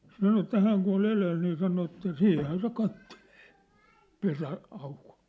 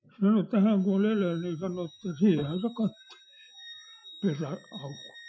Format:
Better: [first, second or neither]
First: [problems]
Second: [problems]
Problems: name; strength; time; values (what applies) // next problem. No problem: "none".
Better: first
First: none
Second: noise reduction (classical method Wiener filter)